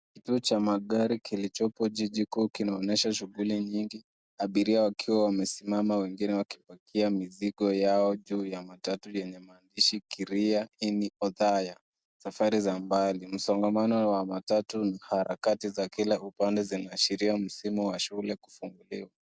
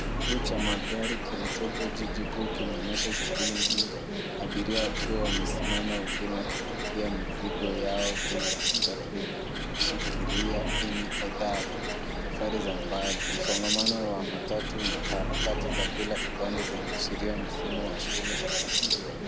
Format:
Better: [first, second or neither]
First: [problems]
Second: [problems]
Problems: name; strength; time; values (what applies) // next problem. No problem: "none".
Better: first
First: none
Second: background sound (Bird); 4 dB above the speech